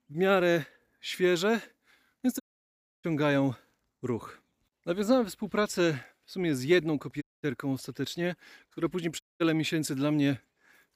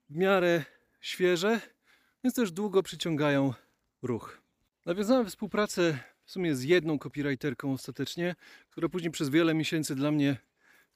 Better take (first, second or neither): second